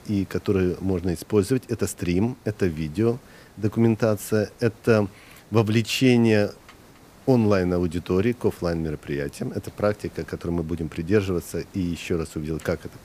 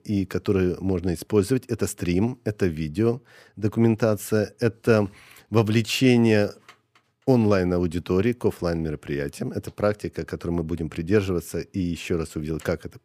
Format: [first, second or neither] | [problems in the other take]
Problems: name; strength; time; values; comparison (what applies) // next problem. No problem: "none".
second | hiss; faint; throughout; 25 dB below the speech